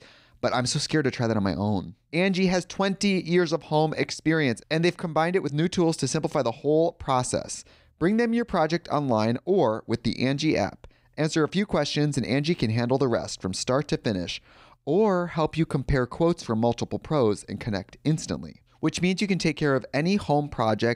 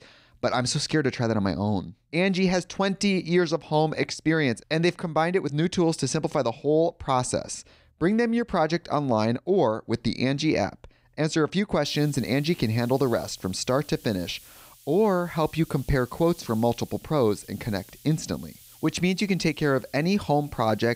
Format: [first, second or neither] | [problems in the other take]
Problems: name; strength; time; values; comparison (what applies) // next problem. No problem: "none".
first | hiss; faint; from 12 s on; 25 dB below the speech